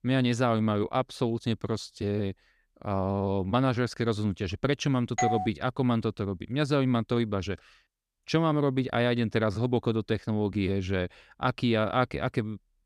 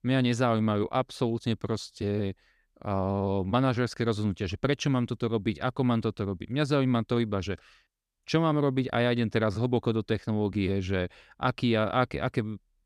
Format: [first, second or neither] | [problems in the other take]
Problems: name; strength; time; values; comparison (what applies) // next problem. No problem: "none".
second | doorbell; noticeable; at 5 s; peak 1 dB below the speech